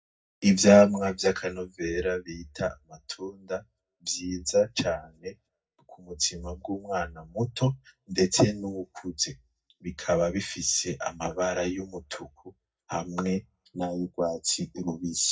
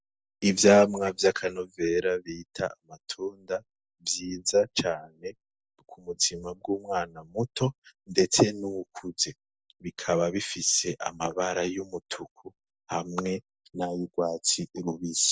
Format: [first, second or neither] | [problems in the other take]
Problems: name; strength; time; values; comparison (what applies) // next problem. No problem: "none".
second | room echo; dies away in 0.4 s